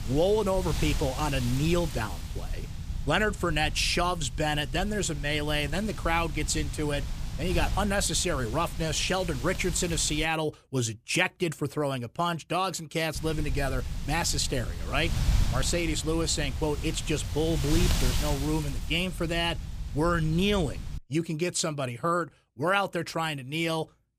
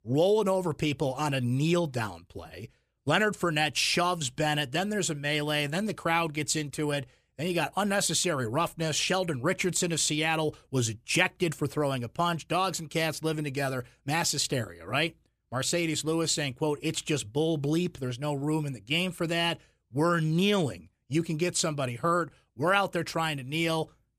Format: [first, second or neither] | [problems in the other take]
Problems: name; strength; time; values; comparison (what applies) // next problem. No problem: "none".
second | wind noise on the microphone; occasional gusts; until 10 s and from 13 to 21 s; 10 dB below the speech